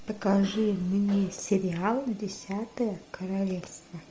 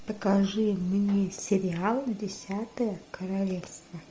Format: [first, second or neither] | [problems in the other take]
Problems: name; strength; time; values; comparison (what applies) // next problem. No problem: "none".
second | background sound (Cough); 19 dB below the speech